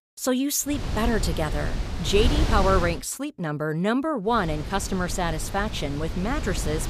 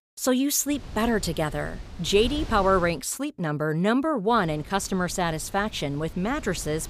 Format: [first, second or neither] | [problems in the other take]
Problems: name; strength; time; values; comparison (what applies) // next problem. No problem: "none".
second | wind noise on the microphone; heavy; from 0.5 to 3 s and from 4.5 s on; 9 dB below the speech; occasional gusts in the second